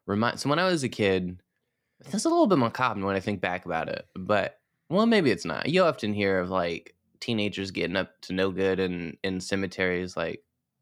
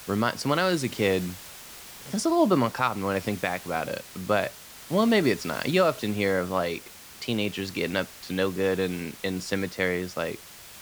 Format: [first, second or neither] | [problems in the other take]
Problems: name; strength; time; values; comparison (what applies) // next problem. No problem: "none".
first | hiss; noticeable; throughout; 15 dB below the speech